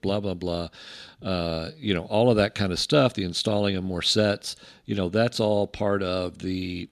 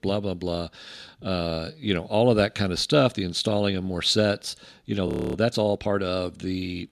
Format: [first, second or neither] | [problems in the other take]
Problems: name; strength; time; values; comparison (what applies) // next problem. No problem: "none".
first | audio freezing; at 5 s